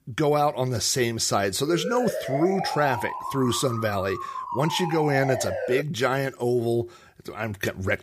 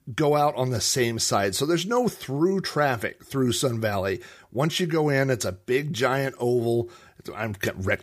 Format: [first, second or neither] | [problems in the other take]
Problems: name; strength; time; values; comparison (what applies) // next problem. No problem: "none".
second | siren; noticeable; from 1.5 to 6 s; peak 4 dB below the speech